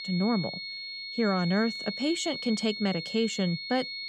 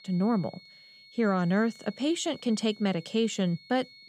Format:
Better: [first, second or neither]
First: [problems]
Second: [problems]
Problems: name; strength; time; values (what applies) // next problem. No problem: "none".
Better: second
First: high-pitched whine; loud; throughout; 4.5 kHz, 6 dB below the speech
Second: high-pitched whine; faint; throughout; 4.5 kHz, 20 dB below the speech